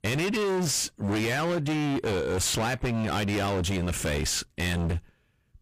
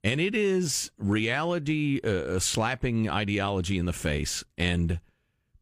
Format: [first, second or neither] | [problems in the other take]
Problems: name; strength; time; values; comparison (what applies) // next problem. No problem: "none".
second | distortion; heavy; 36% of the sound clipped